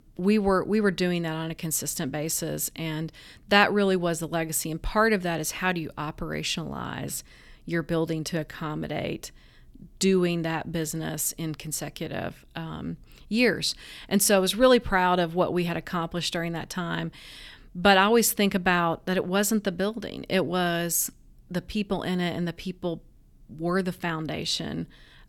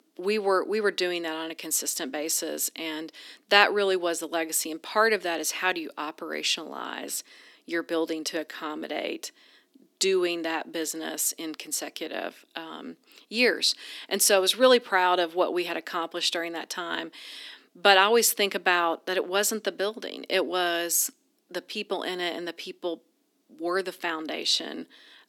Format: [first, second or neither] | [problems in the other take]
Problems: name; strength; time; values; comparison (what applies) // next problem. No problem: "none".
first | thin; somewhat; fading below 250 Hz